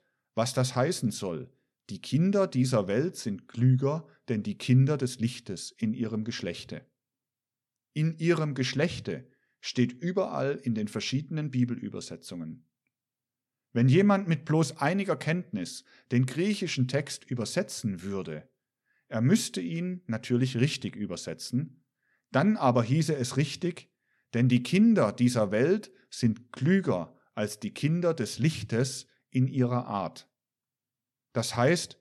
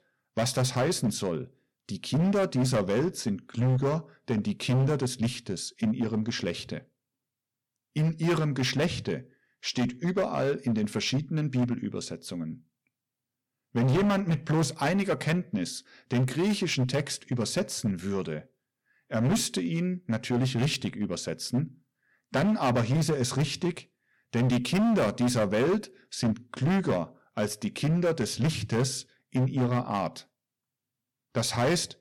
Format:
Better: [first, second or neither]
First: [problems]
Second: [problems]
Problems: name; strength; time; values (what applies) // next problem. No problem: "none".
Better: first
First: none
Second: distortion; heavy; 11% of the sound clipped